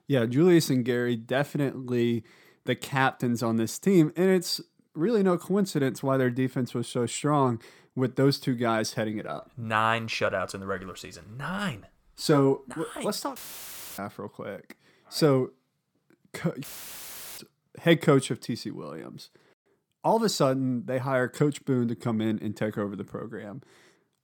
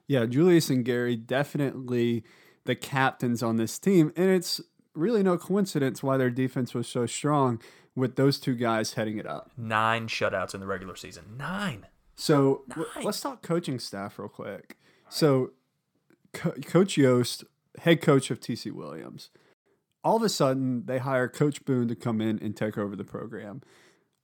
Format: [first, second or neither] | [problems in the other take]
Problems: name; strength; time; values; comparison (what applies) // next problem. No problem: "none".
second | audio cutting out; filled with static; at 13 s for 0.5 s and at 17 s for 0.5 s